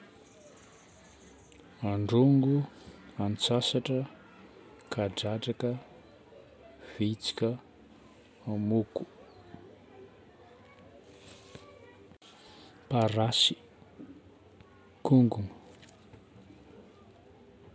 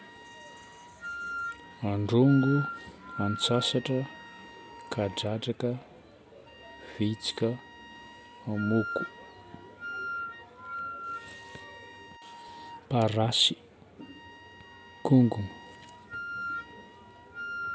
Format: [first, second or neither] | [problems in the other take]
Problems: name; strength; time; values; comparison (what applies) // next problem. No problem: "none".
first | background sound (Wind instrument, woodwind instrument); 10 dB below the speech